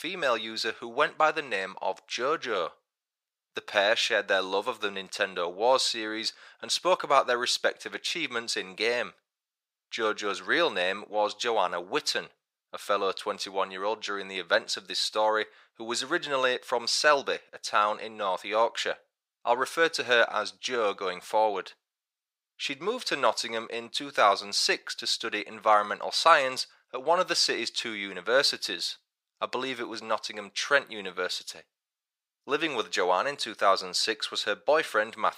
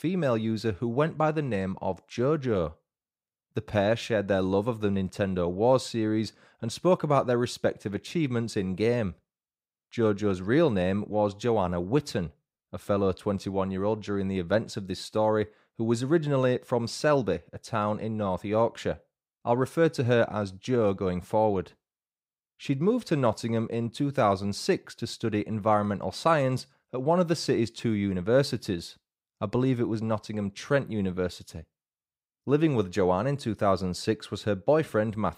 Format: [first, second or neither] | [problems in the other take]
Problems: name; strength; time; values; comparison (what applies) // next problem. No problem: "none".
second | thin; very; fading below 650 Hz